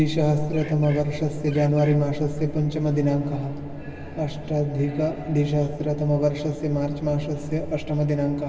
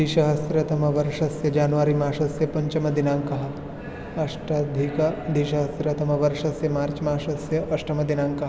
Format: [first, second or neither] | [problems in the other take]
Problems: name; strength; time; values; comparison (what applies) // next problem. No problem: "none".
second | background sound (Bird); 19 dB below the speech // room echo; dies away in 1.3 s